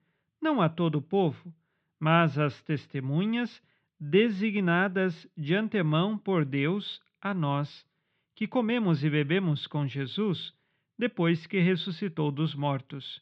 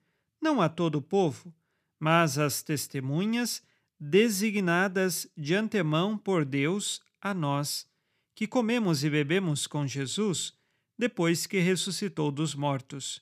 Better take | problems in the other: second | muffled; very; fading above 3.5 kHz

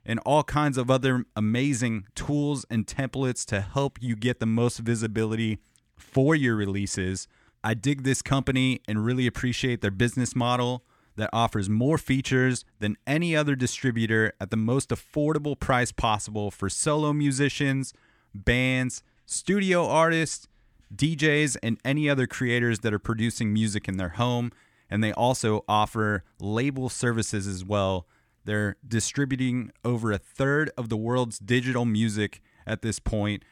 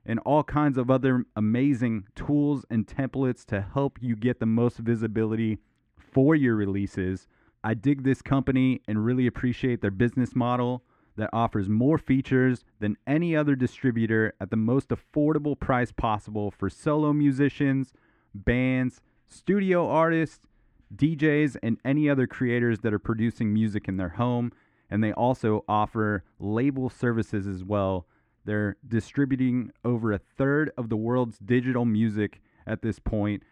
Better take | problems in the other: first | muffled; very; fading above 3.5 kHz

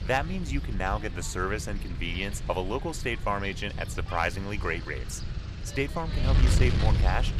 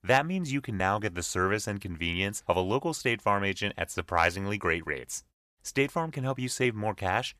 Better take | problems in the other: second | wind noise on the microphone; heavy; 10 dB below the speech

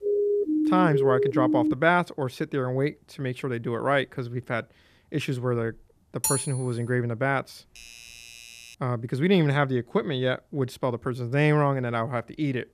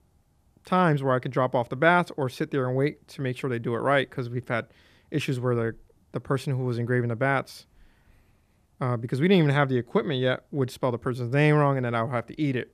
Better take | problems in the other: second | siren; loud; until 1.5 s; peak 2 dB above the speech // clattering dishes; loud; at 6 s; peak level with the speech // doorbell; faint; from 7.5 to 9 s; peak 15 dB below the speech

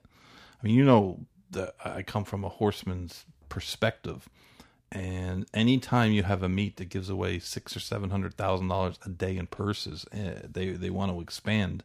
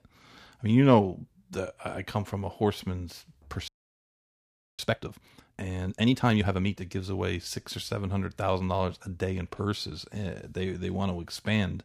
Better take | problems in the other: first | audio freezing; at 3.5 s for 1 s

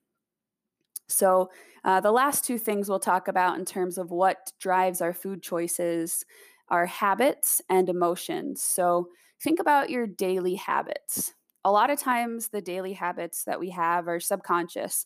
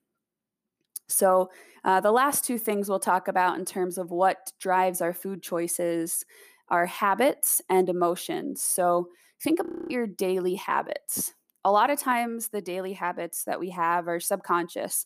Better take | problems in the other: first | audio freezing; at 9.5 s

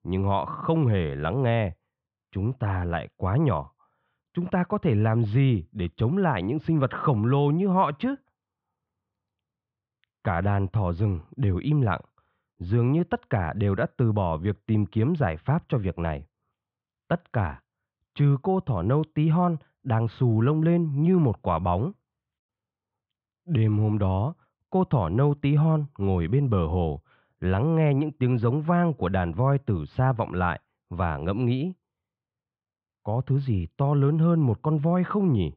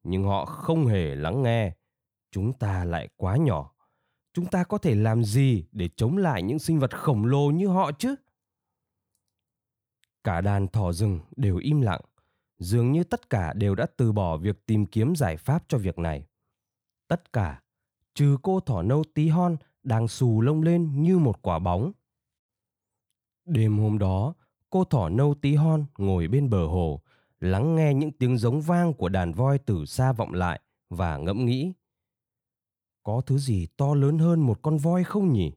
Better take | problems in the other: second | muffled; very; fading above 3 kHz

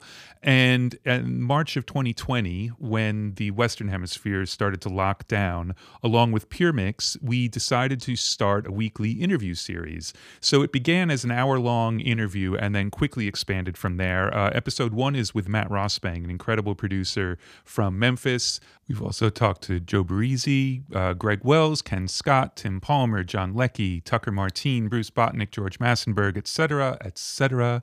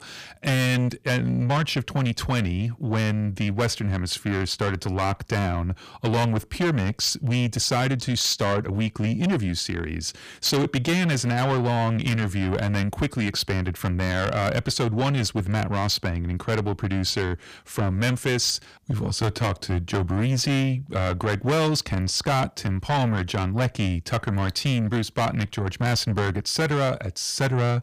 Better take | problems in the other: first | distortion; heavy; 6 dB below the speech

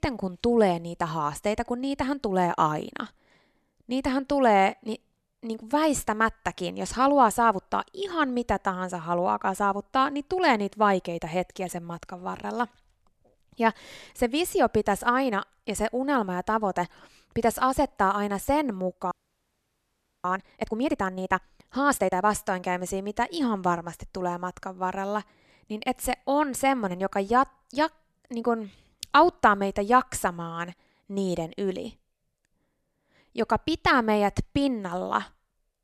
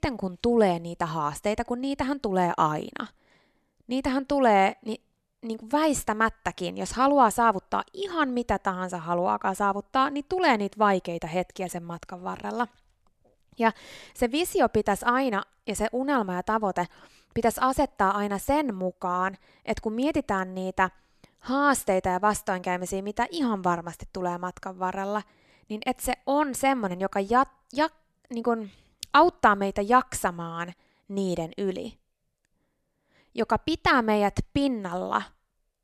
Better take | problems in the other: second | audio freezing; at 19 s for 1 s

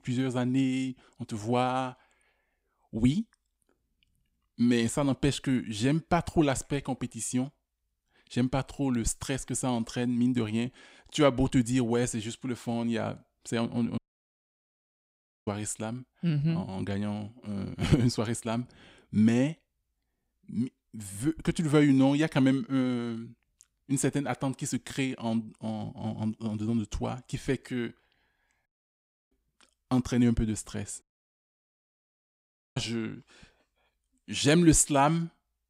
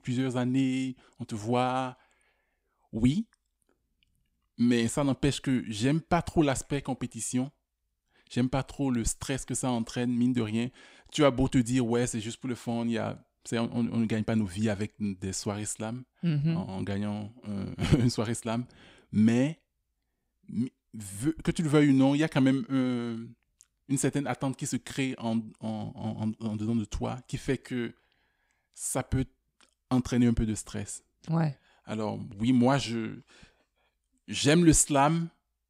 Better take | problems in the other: second | audio cutting out; at 14 s for 1.5 s, at 29 s for 0.5 s and at 31 s for 1.5 s

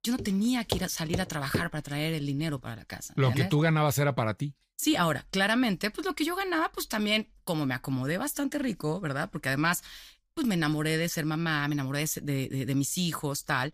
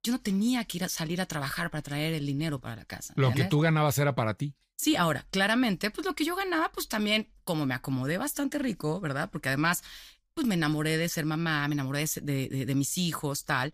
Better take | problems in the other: second | footsteps; noticeable; until 1.5 s; peak 6 dB below the speech

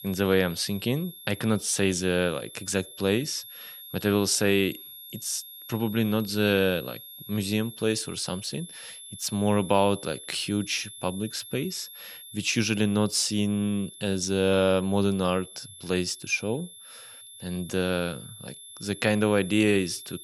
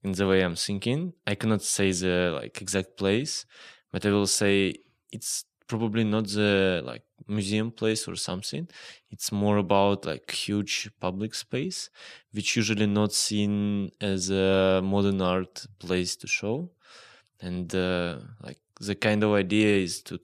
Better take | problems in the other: second | high-pitched whine; noticeable; throughout; 3.5 kHz, 15 dB below the speech

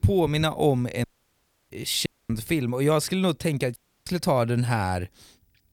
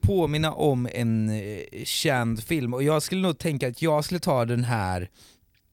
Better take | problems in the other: second | audio cutting out; at 1 s for 0.5 s, at 2 s and at 4 s

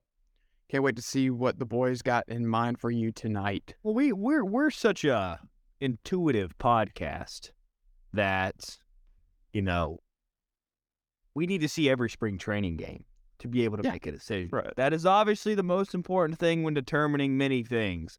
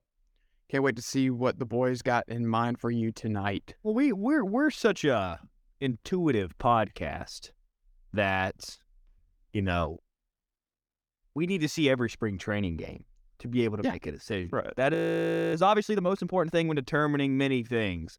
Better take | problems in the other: first | audio freezing; at 15 s for 0.5 s

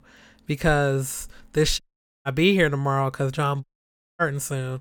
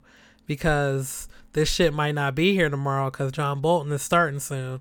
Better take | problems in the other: second | audio cutting out; at 2 s and at 3.5 s for 0.5 s

